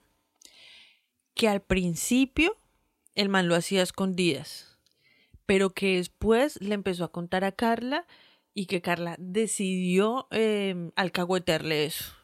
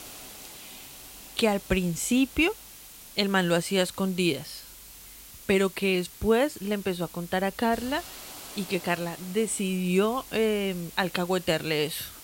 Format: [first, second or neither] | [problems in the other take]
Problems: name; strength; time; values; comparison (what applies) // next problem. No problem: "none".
first | hiss; noticeable; throughout; 15 dB below the speech